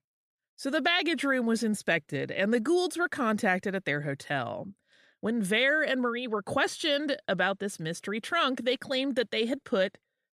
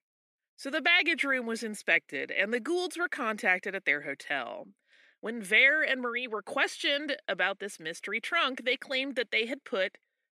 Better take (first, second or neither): first